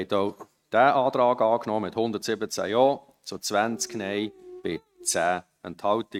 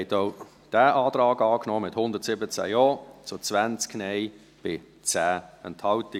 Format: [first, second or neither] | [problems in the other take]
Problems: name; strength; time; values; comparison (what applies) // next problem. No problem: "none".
second | noise reduction (neural mask model RNNoise)